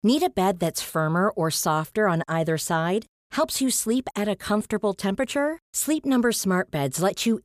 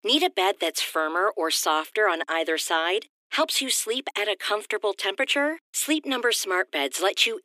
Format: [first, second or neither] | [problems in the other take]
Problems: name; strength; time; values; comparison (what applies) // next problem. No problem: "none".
first | thin; somewhat; fading below 300 Hz